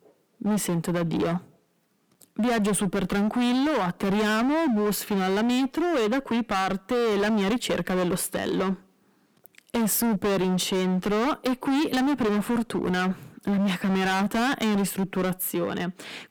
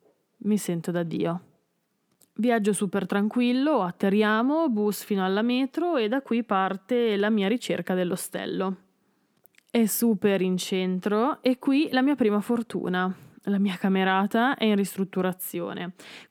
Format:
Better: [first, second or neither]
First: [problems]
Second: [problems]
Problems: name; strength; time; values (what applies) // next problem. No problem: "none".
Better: second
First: distortion; heavy; 29% of the sound clipped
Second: none